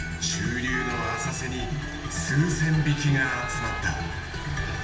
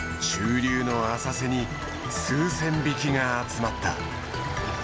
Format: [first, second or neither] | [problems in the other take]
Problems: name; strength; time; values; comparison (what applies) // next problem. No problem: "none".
second | background sound (Wind instrument, woodwind instrument); 10 dB below the speech // room echo; dies away in 0.8 s